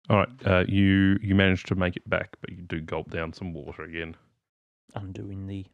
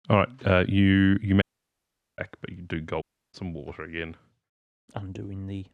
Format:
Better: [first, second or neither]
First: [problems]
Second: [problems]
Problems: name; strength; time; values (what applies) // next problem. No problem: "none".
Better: first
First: none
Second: audio cutting out; at 1.5 s for 1 s and at 3 s